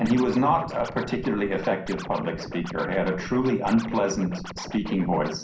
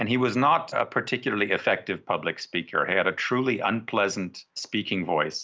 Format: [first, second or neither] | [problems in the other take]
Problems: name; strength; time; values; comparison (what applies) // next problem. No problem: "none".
second | background sound (Scratching (performance technique)); 12 dB below the speech // room echo; dies away in 0.6 s